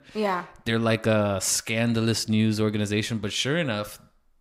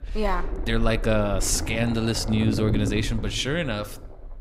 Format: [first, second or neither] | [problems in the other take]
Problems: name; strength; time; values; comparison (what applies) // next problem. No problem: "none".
first | low rumble; noticeable; throughout; 10 dB below the speech